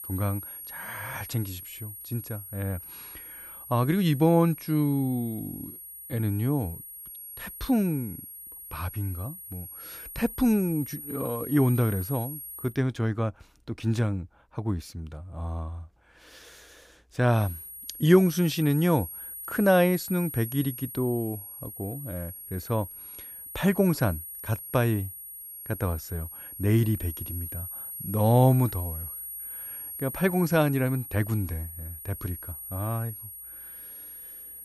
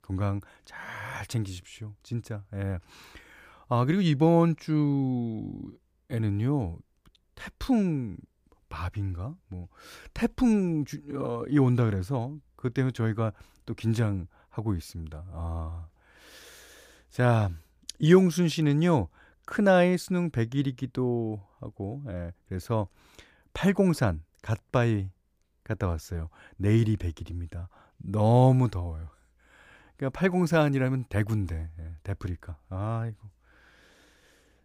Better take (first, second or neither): second